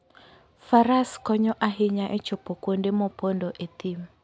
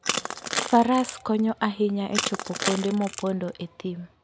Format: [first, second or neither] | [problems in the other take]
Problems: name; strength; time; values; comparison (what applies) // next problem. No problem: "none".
first | background sound (Crushing); 7 dB below the speech